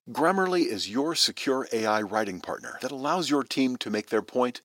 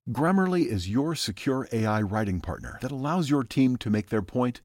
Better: second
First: thin; somewhat; fading below 400 Hz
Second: none

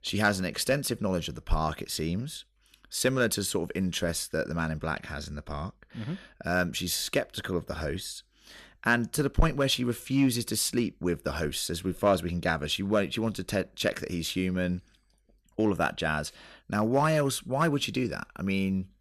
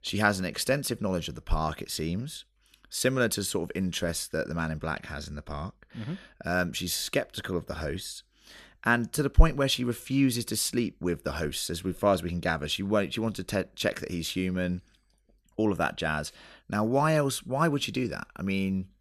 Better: second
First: distortion; slight; 0.9% of the sound clipped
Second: none

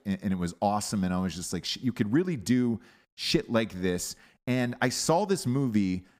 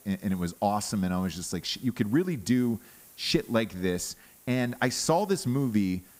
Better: first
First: none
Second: hiss; faint; throughout; 25 dB below the speech

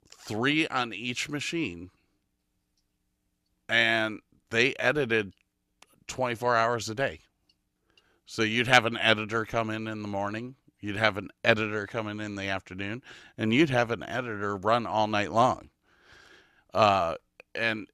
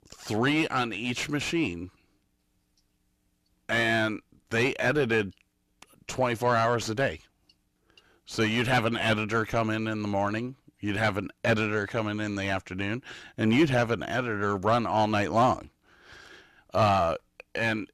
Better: first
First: none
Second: distortion; heavy; 7 dB below the speech

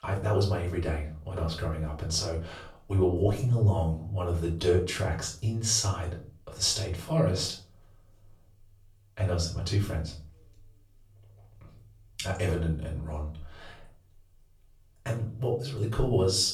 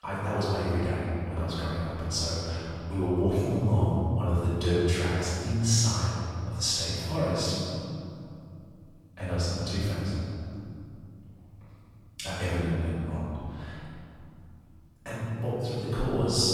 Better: first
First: room echo; slight; dies away in 0.4 s // off-mic speech; far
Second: room echo; strong; dies away in 2.6 s // off-mic speech; far

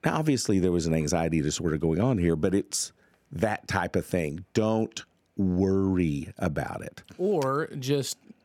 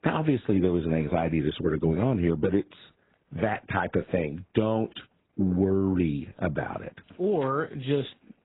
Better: first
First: none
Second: garbled, watery; badly; nothing above 4 kHz

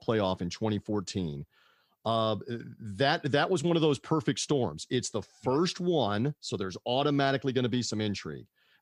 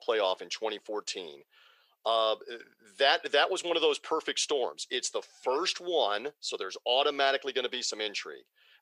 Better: first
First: none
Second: thin; very; fading below 450 Hz

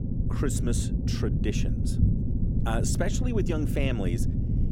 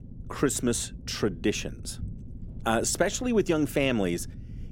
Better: second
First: low rumble; loud; throughout; 4 dB below the speech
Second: low rumble; faint; throughout; 25 dB below the speech

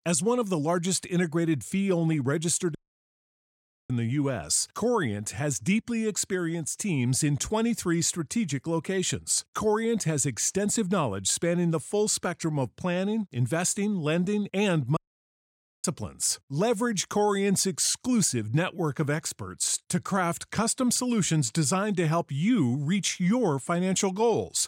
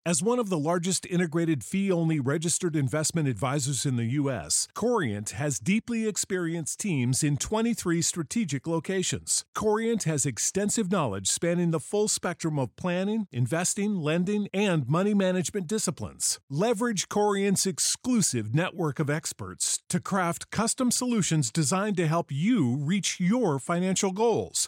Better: second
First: audio cutting out; at 3 s for 1 s and at 15 s for 1 s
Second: none

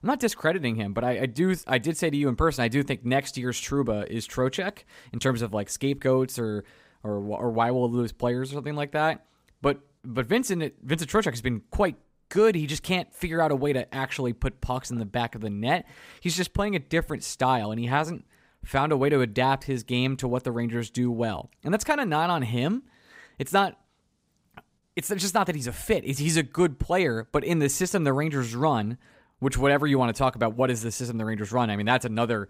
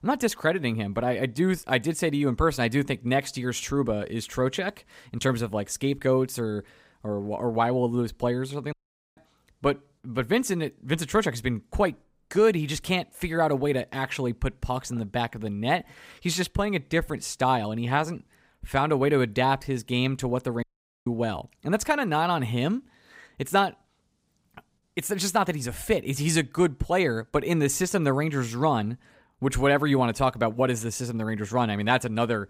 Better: first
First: none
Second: audio cutting out; at 8.5 s and at 21 s

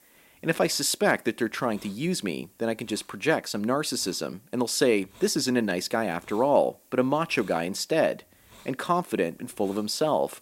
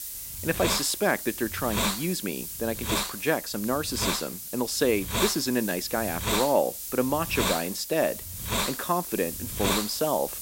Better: first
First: hiss; faint; throughout; 30 dB below the speech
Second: hiss; loud; throughout; 2 dB below the speech

